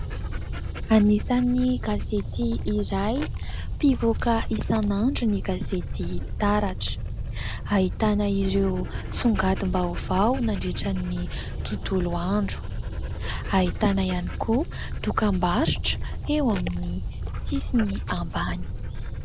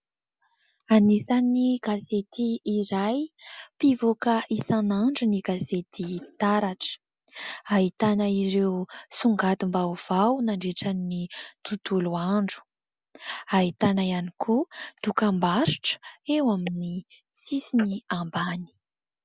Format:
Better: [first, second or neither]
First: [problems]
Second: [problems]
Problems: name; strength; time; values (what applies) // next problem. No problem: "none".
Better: second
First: background sound (Dog); 4 dB below the speech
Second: none